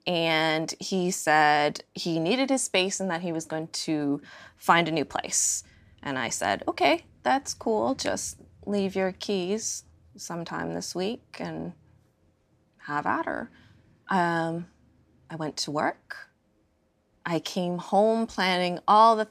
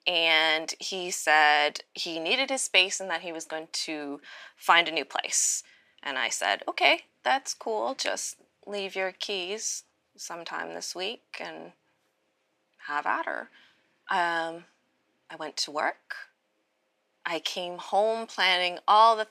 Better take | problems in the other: first | thin; somewhat; fading below 450 Hz

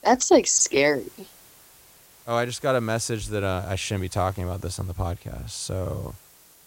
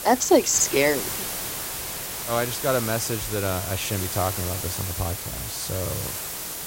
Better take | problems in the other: first | hiss; loud; throughout; 4 dB below the speech; faint in the first

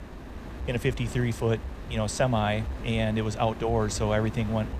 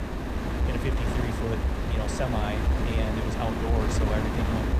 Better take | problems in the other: first | wind noise on the microphone; heavy; 2 dB above the speech; occasional gusts in the first

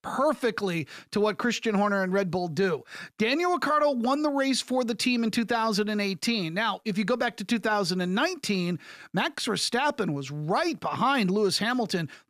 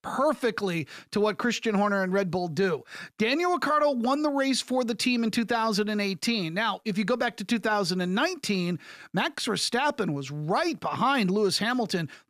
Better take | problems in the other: neither | none

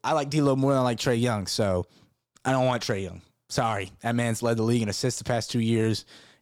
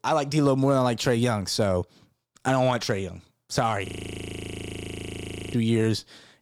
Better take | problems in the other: first | audio freezing; at 4 s for 1.5 s

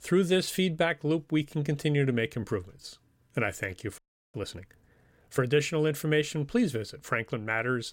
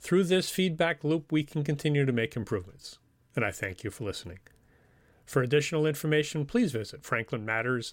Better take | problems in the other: second | audio freezing; at 4 s

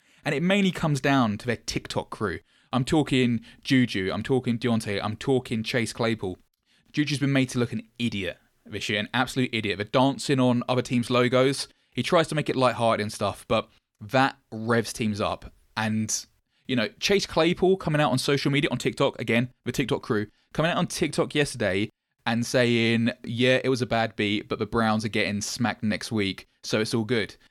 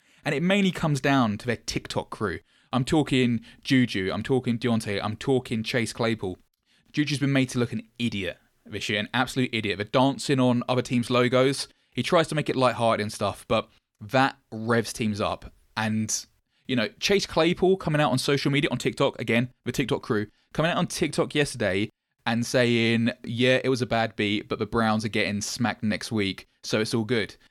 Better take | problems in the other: neither | none

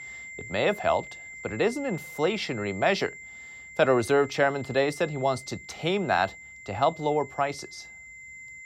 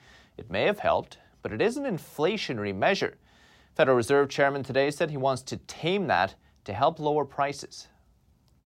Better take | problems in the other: second | high-pitched whine; noticeable; throughout; 2 kHz, 15 dB below the speech

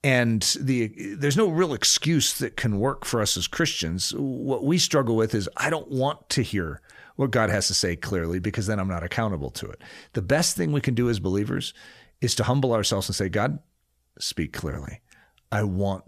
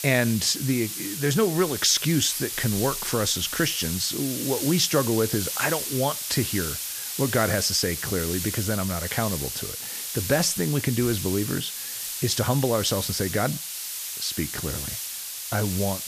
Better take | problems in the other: first | hiss; loud; throughout; 4 dB below the speech

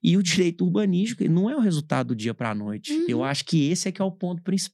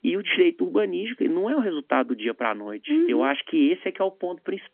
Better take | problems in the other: first | phone-call audio; nothing above 3.5 kHz

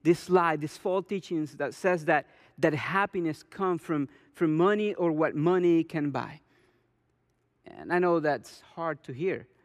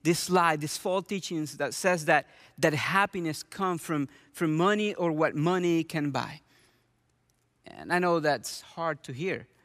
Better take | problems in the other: second | muffled; slightly; fading above 3.5 kHz

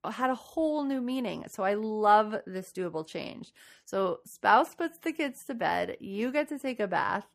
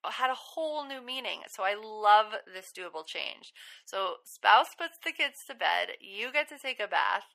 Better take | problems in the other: first | thin; very; fading below 800 Hz

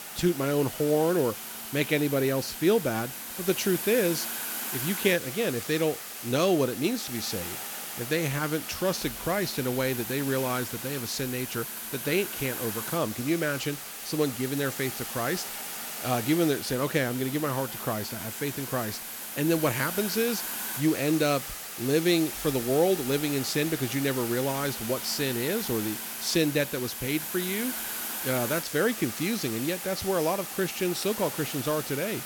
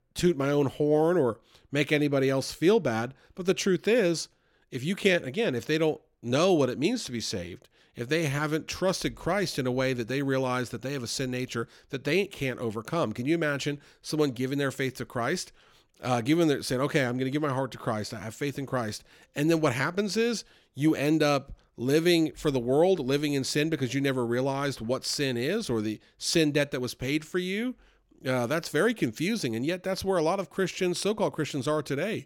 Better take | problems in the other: second | hiss; loud; throughout; 5 dB below the speech

